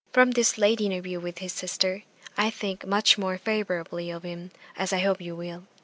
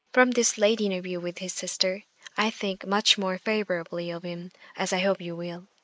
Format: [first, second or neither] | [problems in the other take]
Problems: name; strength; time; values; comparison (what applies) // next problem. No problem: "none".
first | noise reduction (neural mask model Resemble Enhance denoiser)